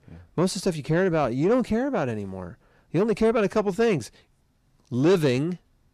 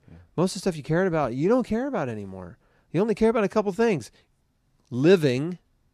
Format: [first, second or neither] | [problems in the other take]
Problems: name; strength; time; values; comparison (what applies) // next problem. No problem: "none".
second | distortion; slight; 10 dB below the speech